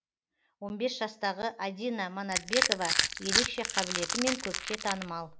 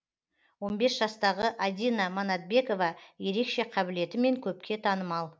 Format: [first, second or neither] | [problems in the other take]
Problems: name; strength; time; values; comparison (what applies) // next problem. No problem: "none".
second | background sound (Crushing); 3 dB above the speech